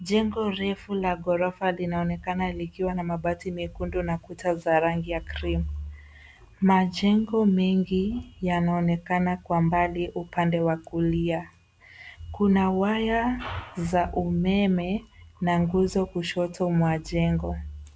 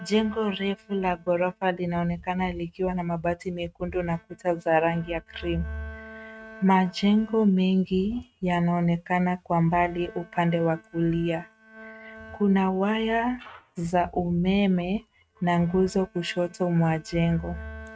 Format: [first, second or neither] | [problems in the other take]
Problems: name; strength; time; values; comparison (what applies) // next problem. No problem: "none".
first | noise reduction (neural mask model RNNoise)